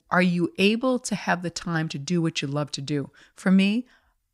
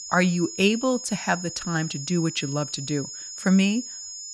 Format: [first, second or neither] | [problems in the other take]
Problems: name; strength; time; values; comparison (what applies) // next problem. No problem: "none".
first | high-pitched whine; loud; throughout; 6.5 kHz, 10 dB below the speech